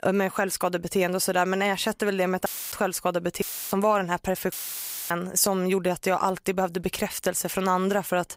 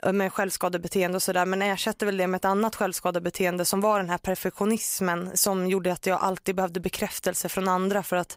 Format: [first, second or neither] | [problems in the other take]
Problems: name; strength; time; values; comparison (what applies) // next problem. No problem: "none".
second | audio cutting out; filled with static; at 2.5 s, at 3.5 s and at 4.5 s for 0.5 s